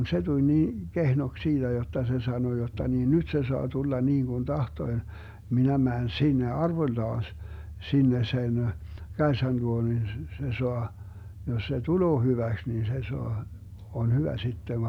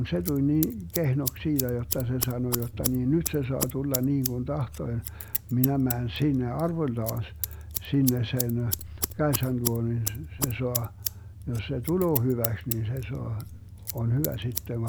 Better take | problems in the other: first | background sound (Scissors); 8 dB below the speech

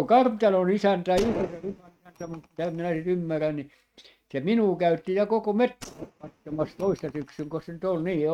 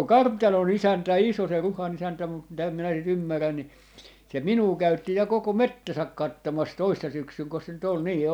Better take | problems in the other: second | noise reduction (neural mask model RNNoise)

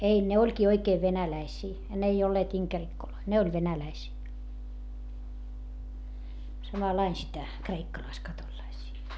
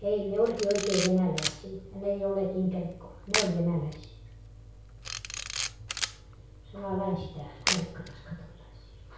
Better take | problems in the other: first | background sound (Camera); 6 dB below the speech // room echo; dies away in 0.6 s

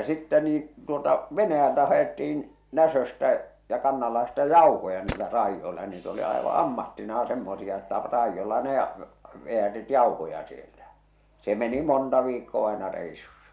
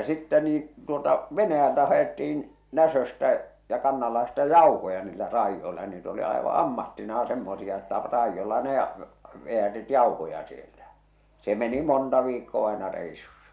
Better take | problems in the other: second | background sound (Tools); 16 dB below the speech

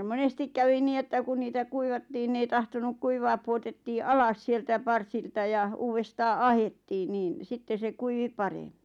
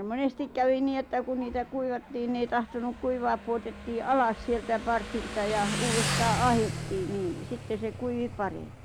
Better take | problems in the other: first | background sound (Motorcycle); 7 dB below the speech

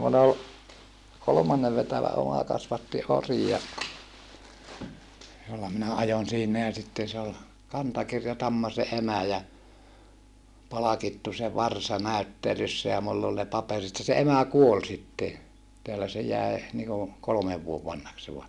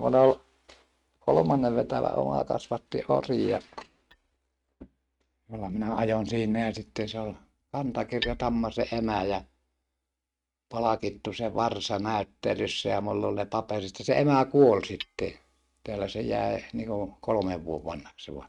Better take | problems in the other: first | noise reduction (neural mask model RNNoise)

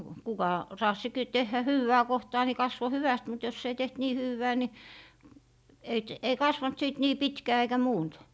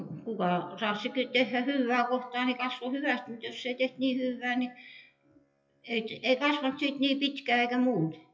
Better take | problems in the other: first | noise reduction (classical method WPE with log-MMSE)

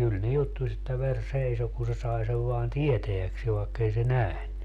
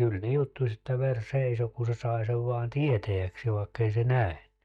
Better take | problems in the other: first | noise reduction (neural mask model DeepFilterNet 3)

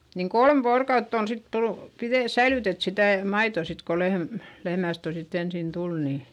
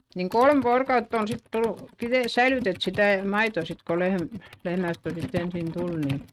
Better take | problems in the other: first | noise reduction (neural mask model RNNoise)

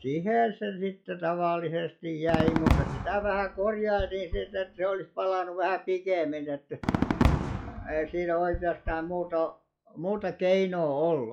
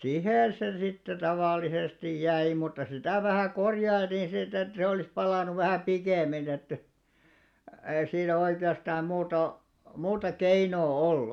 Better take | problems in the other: second | noise reduction (classical method log-MMSE)

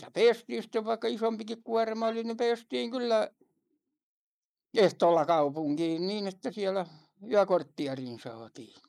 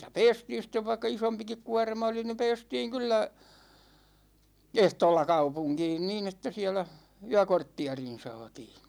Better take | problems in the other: second | noise reduction (neural mask model Resemble Enhance denoiser)

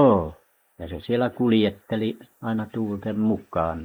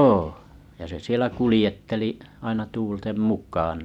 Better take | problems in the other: second | noise reduction (neural mask model Resemble Enhance denoiser)

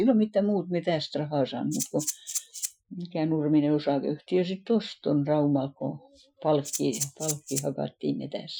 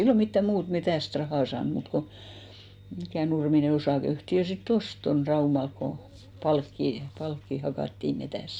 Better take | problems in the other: second | noise reduction (classical method Wiener filter)

